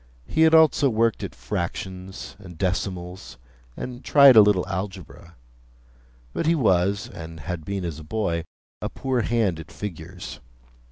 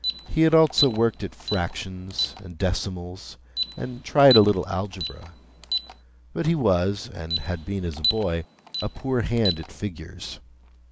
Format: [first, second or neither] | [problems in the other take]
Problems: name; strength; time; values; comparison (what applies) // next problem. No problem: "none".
first | background sound (Alarm); 8 dB below the speech